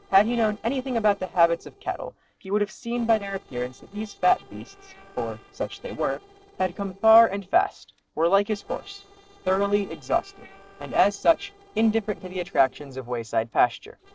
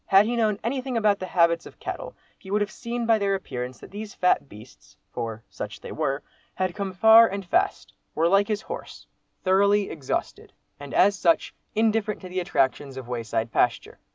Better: second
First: noise reduction (neural separator model SepFormer DNS4)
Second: none

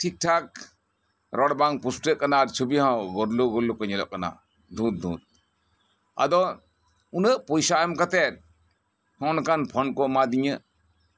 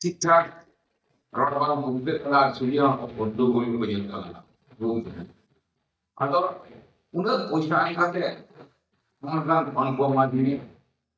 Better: first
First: none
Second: noise reduction (neural mask model DeepFilterNet 3)

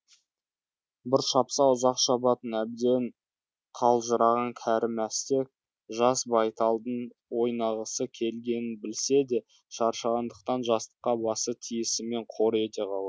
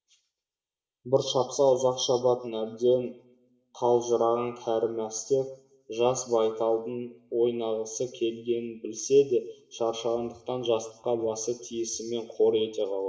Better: first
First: none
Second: room echo; dies away in 0.6 s

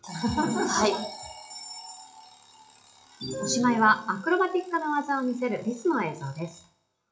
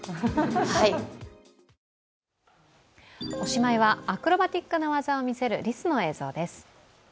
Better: second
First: noise reduction (classical method WPE with log-MMSE)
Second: none

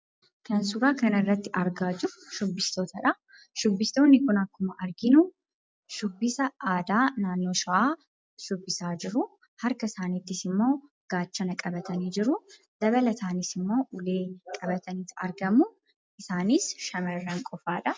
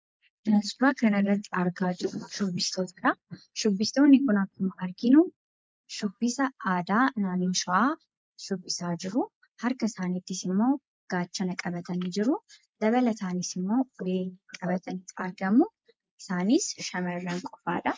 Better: first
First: none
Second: noise reduction (neural mask model Resemble Enhance denoiser)

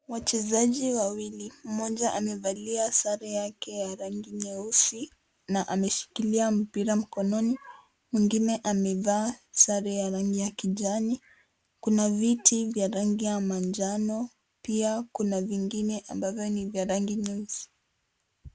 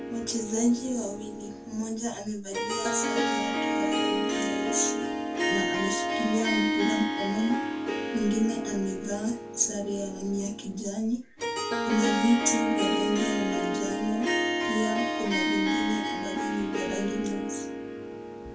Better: first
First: none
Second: background sound (Harp); 1 dB above the speech // room echo; dies away in 0.2 s

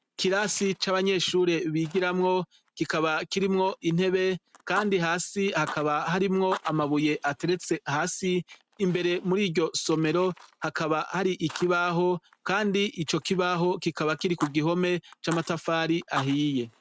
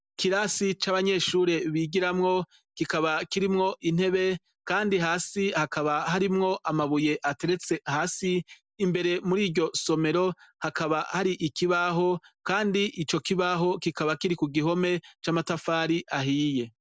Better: second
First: noise reduction (neural mask model RNNoise)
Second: none

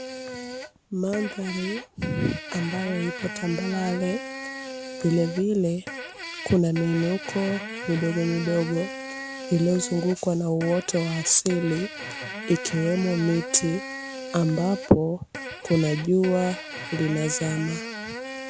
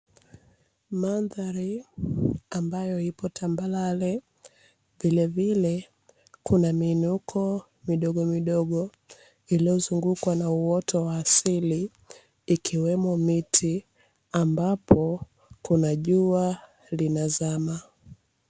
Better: second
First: background sound (Fart); 10 dB below the speech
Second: none

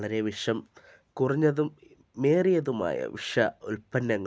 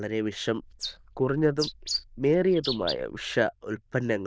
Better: first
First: none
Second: noise reduction (neural diffusion model UNIVERSE++)

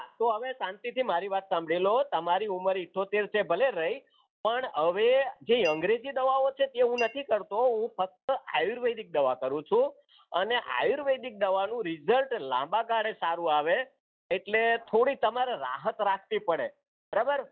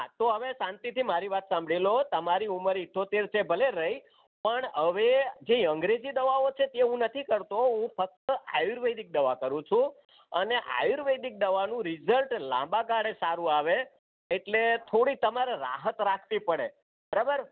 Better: second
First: noise reduction (classical method log-MMSE)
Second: none

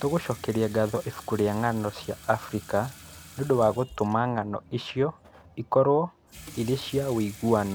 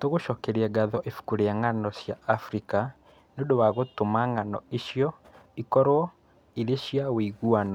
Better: second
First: background sound (Sink (filling or washing) / Water tap, faucet); 20 dB below the speech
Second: none

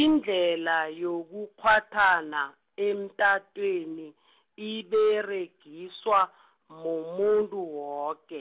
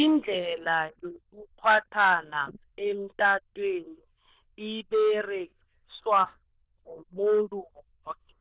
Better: first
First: none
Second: noise reduction (neural diffusion model UNIVERSE++)

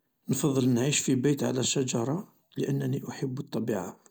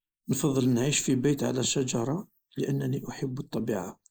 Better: first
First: none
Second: noise reduction (neural mask model Resemble Enhance denoiser)

